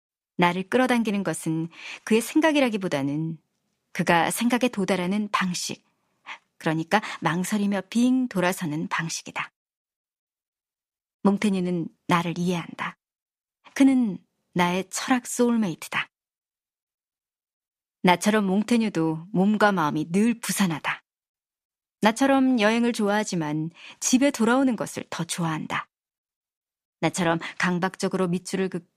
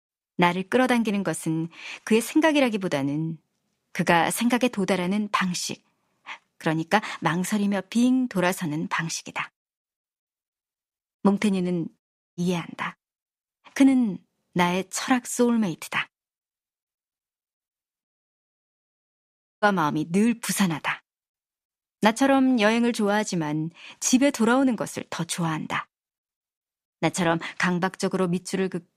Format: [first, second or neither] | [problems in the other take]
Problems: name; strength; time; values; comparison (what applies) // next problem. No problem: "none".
first | audio cutting out; at 12 s and at 18 s for 1.5 s